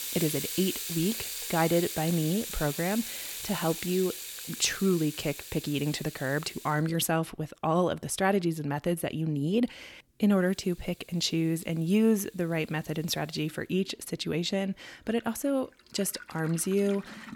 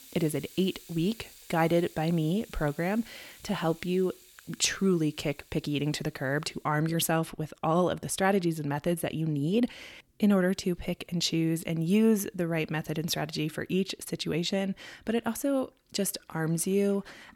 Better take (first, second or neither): second